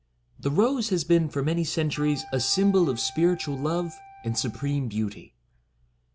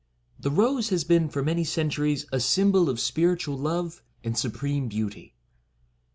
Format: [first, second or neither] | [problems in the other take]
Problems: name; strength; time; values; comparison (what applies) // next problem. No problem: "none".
second | background sound (Wind instrument, woodwind instrument); 20 dB below the speech